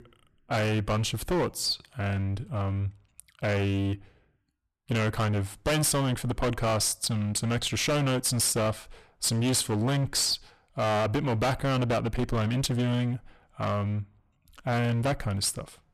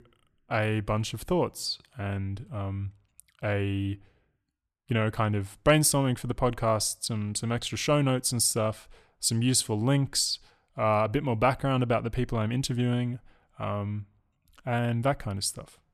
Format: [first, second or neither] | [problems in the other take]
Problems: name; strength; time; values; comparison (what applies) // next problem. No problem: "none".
second | distortion; heavy; 19% of the sound clipped